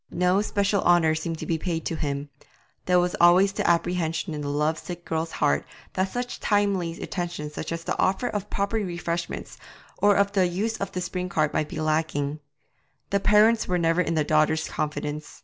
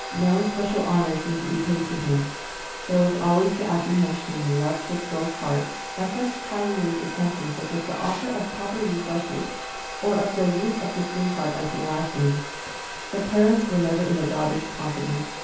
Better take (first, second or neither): first